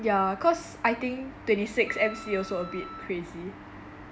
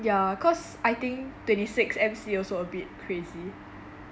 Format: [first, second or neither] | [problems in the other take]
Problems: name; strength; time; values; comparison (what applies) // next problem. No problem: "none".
second | background sound (Wind instrument, woodwind instrument); 15 dB below the speech